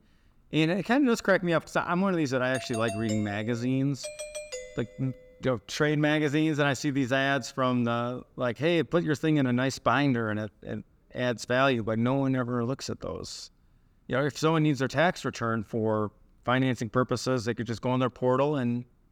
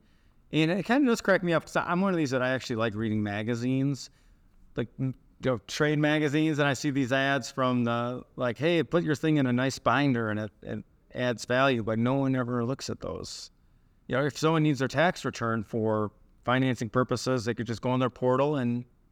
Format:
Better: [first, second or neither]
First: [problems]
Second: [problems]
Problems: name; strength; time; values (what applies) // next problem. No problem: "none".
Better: second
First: doorbell; noticeable; from 2.5 to 5 s; peak 10 dB below the speech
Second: none